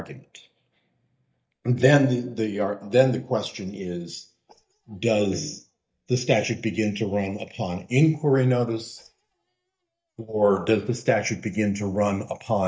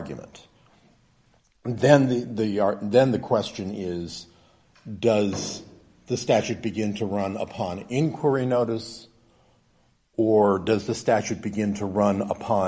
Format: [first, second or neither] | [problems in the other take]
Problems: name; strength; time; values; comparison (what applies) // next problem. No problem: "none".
second | noise reduction (neural mask model DeepFilterNet 3)